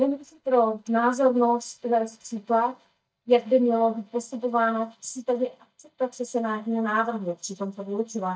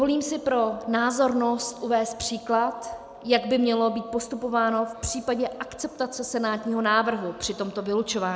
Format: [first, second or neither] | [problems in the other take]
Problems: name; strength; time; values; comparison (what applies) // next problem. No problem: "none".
second | noise reduction (neural mask model DeepFilterNet 3)